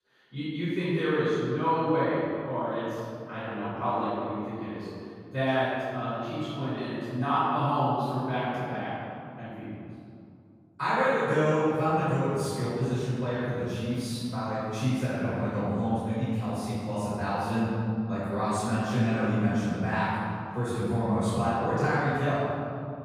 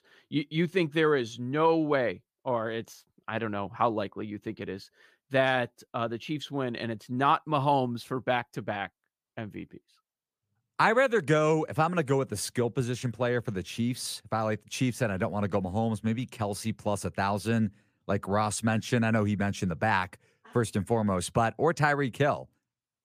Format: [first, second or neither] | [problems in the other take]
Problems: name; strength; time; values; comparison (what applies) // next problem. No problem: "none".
second | off-mic speech; far // room echo; strong; dies away in 2.6 s